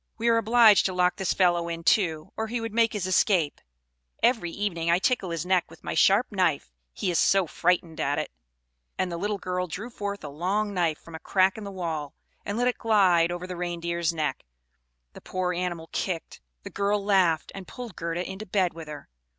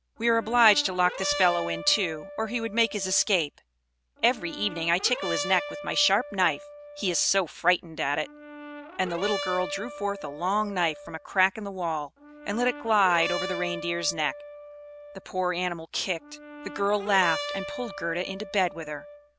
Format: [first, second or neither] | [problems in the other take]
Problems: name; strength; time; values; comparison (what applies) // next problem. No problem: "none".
first | background sound (Brass instrument); 11 dB below the speech